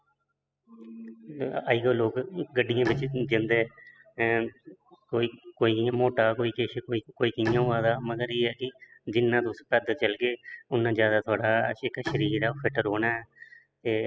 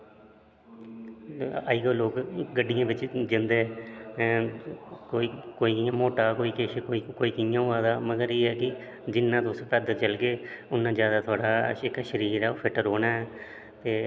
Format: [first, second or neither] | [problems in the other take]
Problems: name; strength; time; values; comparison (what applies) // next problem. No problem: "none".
second | noise reduction (classical method spectral subtraction)